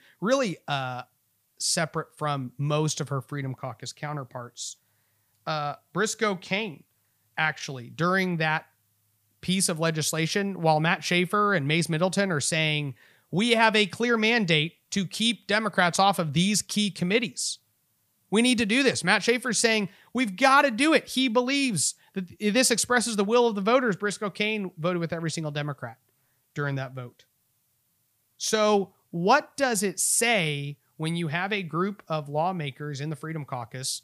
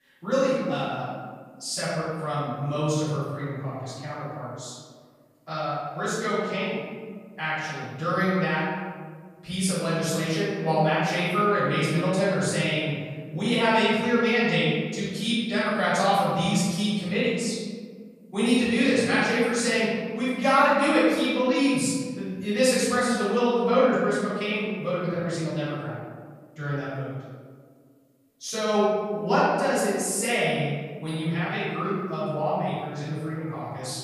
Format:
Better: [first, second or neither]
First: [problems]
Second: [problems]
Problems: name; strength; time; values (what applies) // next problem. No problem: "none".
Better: first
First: none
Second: off-mic speech; far // room echo; strong; dies away in 1.6 s